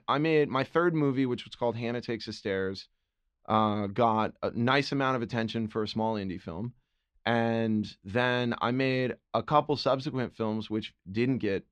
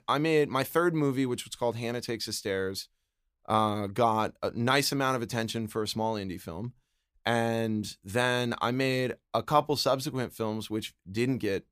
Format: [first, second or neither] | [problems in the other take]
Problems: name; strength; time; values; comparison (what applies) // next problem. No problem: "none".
second | muffled; very slightly; fading above 4 kHz